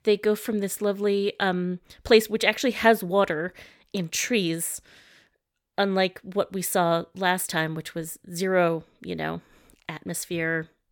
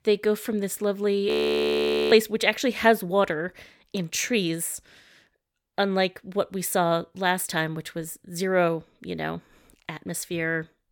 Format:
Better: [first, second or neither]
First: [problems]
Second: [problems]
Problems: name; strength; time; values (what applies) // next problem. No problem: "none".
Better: first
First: none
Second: audio freezing; at 1.5 s for 1 s